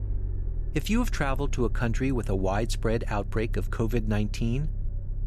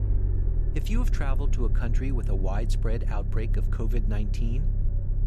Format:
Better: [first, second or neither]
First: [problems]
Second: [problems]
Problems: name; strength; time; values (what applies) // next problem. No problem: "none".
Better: first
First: low rumble; faint; throughout; 20 dB below the speech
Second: low rumble; loud; throughout; 7 dB below the speech